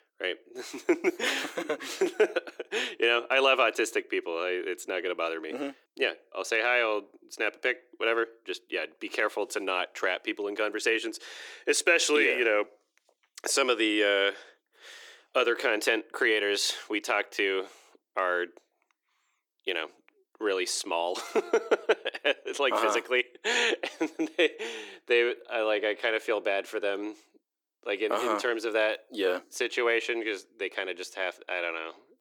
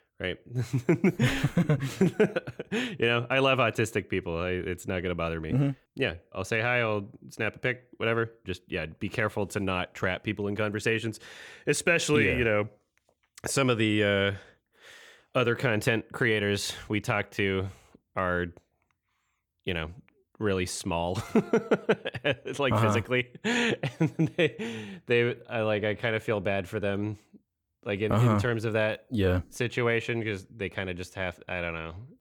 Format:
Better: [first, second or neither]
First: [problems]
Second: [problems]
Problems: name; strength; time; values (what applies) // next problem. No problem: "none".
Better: second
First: thin; very; fading below 350 Hz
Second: none